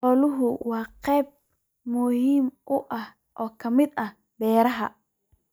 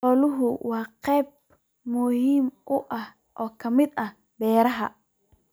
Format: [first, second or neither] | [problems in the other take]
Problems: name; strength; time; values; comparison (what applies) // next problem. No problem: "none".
second | noise reduction (neural mask model DeepFilterNet 3)